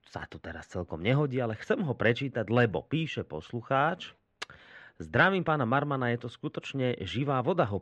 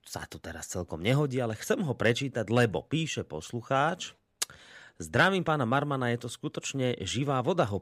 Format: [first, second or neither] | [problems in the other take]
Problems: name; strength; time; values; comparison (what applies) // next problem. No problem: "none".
second | muffled; slightly; fading above 2.5 kHz